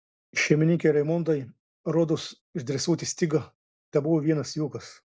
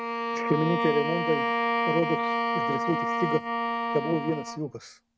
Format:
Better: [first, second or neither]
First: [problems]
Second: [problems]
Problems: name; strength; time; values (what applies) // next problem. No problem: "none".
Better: first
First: none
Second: noise reduction (neural mask model RNNoise)